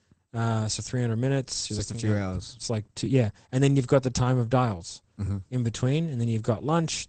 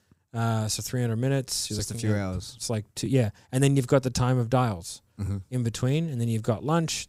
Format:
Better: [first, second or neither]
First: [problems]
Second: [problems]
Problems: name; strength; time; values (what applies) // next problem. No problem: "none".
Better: second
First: garbled, watery; slightly; nothing above 8.5 kHz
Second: none